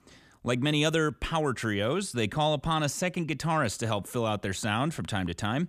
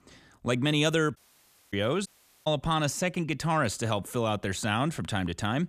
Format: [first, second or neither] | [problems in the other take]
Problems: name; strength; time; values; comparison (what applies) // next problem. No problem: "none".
first | audio cutting out; at 1 s for 0.5 s and at 2 s